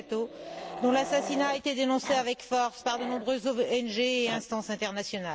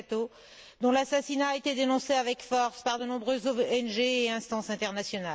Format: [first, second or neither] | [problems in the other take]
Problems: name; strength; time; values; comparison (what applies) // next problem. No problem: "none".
second | background sound (Growling); 11 dB below the speech